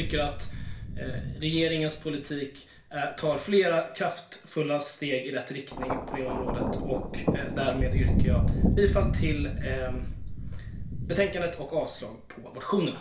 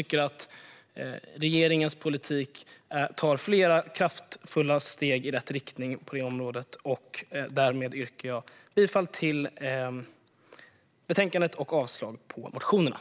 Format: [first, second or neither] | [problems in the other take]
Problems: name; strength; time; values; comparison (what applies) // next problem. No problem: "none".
second | background sound (Thunder); as loud as the speech // room echo; dies away in 0.4 s